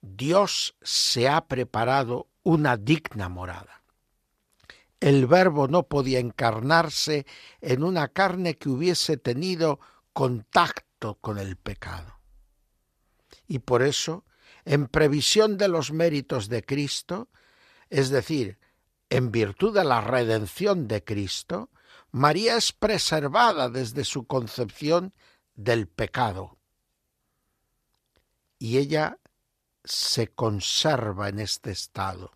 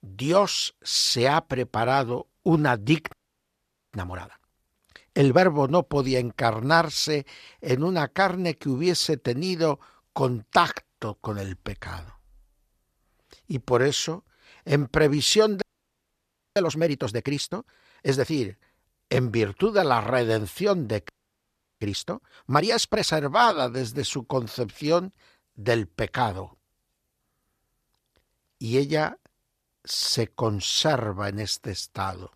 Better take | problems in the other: first | audio freezing; at 3 s for 1 s, at 16 s for 1 s and at 21 s for 0.5 s

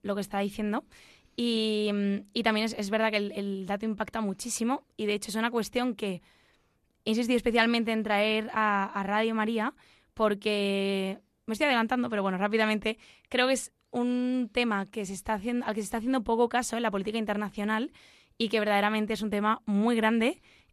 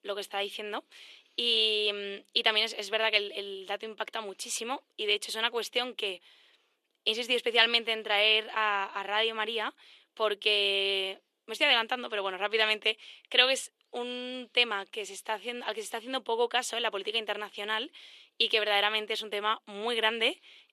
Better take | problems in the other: first | thin; very; fading below 350 Hz

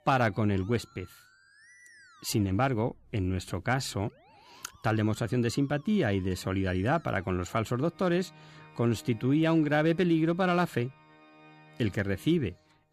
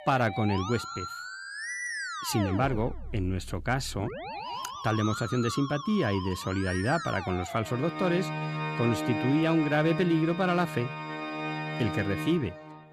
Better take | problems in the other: first | background music; loud; throughout; 6 dB below the speech; faint in the first

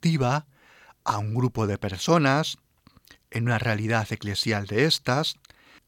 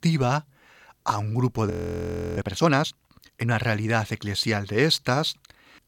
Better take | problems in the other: first | audio freezing; at 1.5 s for 0.5 s

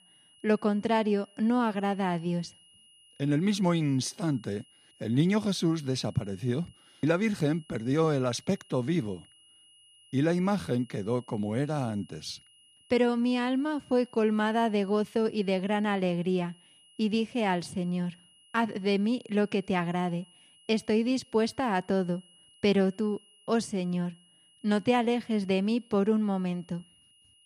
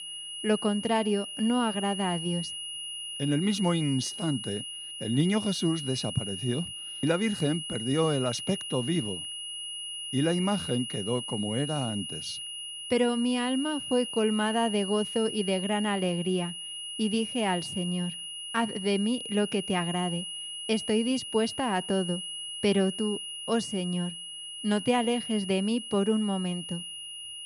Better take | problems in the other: first | high-pitched whine; loud; throughout; 3 kHz, 6 dB below the speech; faint in the first

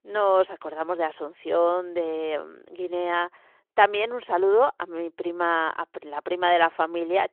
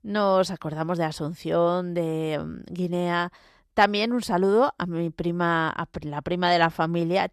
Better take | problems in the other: second | phone-call audio; nothing above 3 kHz

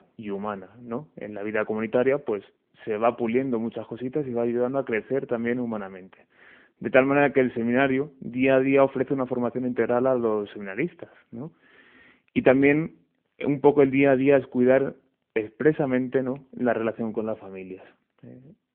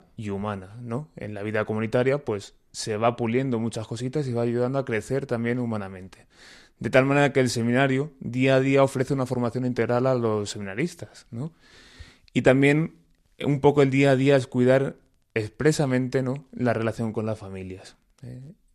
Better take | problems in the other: second | phone-call audio

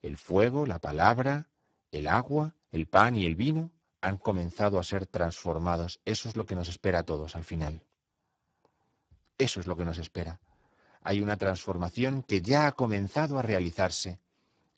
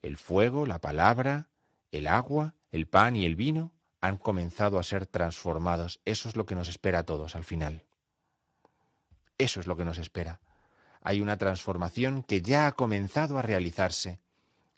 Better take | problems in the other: second | garbled, watery; badly; nothing above 7.5 kHz; slightly in the second

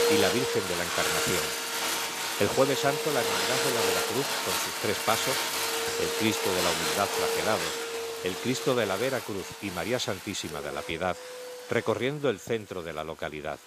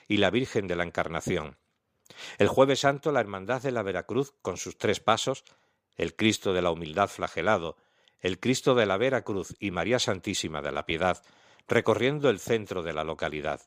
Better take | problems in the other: second | household noises; very loud; throughout; 2 dB above the speech

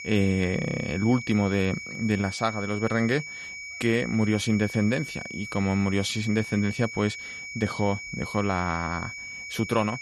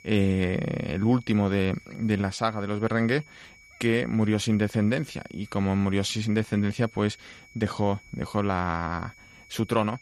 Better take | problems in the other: second | high-pitched whine; loud; throughout; 2.5 kHz, 9 dB below the speech; faint in the second

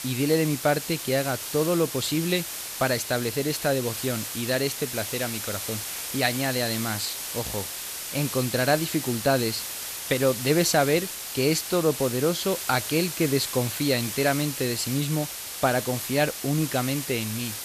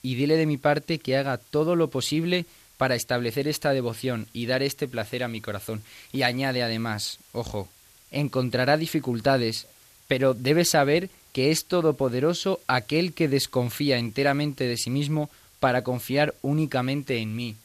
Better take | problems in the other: second | hiss; loud; throughout; 5 dB below the speech; faint in the second

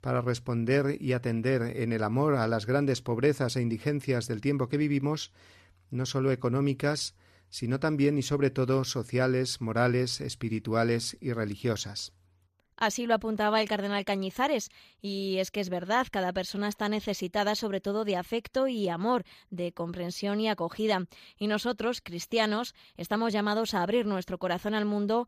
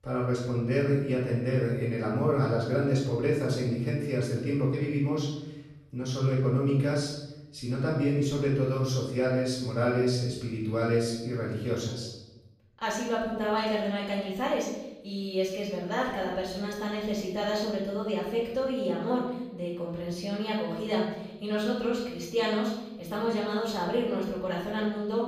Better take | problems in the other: first | off-mic speech; far // room echo; noticeable; dies away in 0.9 s

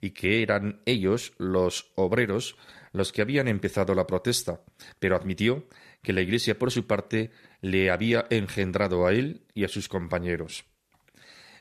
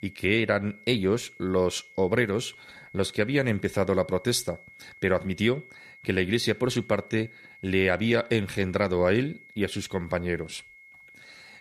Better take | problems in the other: first | high-pitched whine; faint; throughout; 2 kHz, 20 dB below the speech

